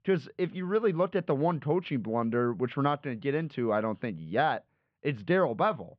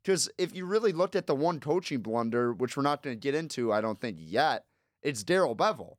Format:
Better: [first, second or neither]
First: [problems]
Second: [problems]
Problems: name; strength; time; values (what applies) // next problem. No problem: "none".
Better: second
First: muffled; very; fading above 3 kHz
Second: none